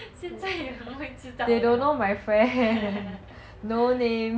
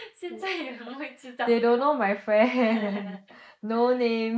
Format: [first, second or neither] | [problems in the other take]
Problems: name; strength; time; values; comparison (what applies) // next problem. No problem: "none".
first | noise reduction (neural mask model Resemble Enhance denoiser)